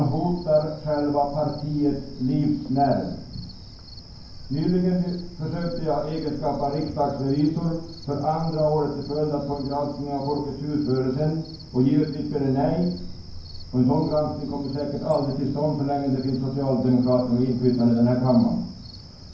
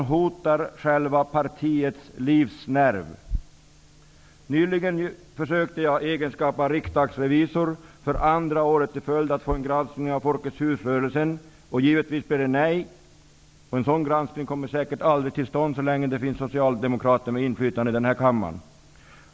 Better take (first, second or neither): second